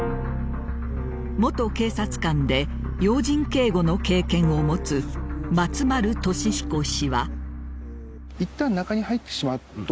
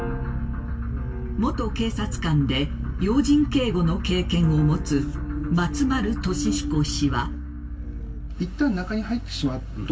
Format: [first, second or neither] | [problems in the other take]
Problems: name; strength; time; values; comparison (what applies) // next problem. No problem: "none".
first | background sound (Growling); 10 dB below the speech // room echo; dies away in 0.2 s